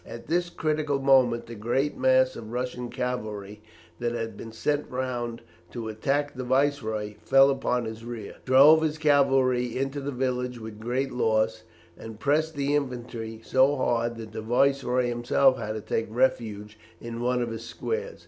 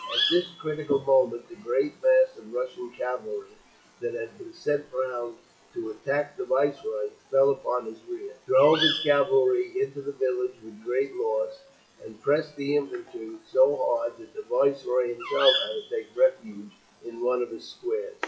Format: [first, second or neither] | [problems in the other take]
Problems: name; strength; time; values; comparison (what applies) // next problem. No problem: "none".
first | noise reduction (classical method WPE with log-MMSE)